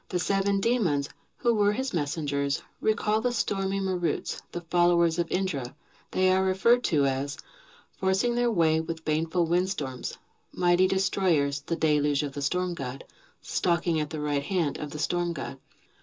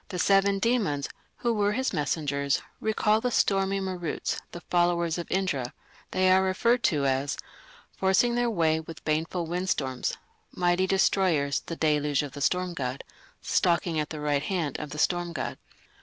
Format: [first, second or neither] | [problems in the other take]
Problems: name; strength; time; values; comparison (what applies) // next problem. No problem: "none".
second | room echo; dies away in 0.2 s